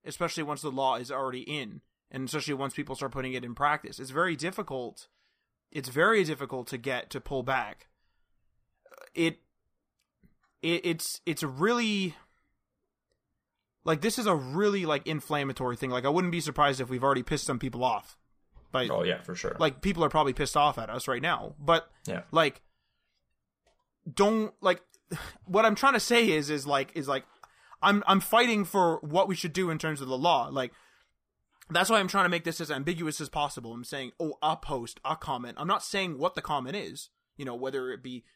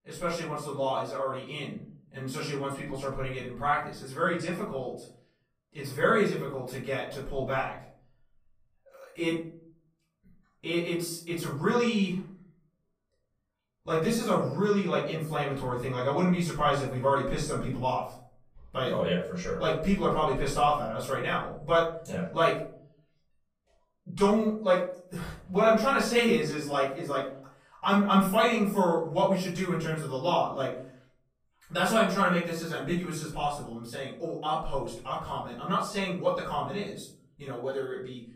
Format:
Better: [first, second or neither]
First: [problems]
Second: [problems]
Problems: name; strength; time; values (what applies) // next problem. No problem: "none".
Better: first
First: none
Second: off-mic speech; far // room echo; noticeable; dies away in 0.5 s